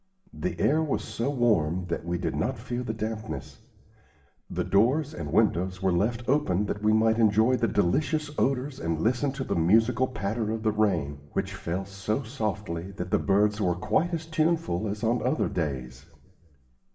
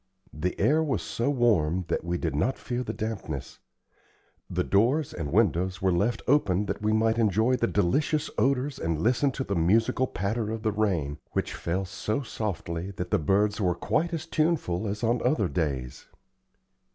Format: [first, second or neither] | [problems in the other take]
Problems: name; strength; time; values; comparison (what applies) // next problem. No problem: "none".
second | room echo; dies away in 1.5 s